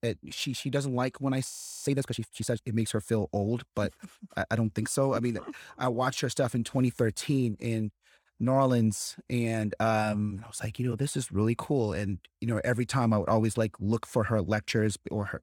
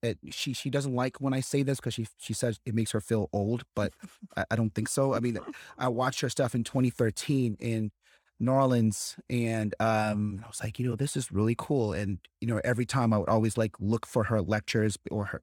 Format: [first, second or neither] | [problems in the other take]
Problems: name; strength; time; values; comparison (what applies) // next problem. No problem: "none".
second | audio freezing; at 1.5 s